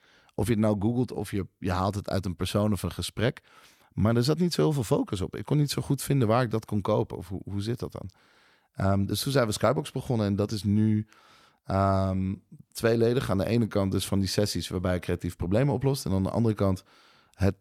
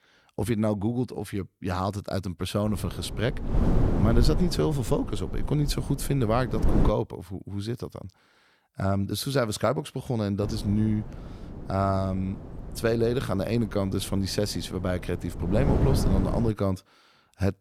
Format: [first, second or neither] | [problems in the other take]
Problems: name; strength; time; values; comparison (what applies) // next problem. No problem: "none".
first | wind noise on the microphone; heavy; from 2.5 to 7 s and from 10 to 16 s; 8 dB below the speech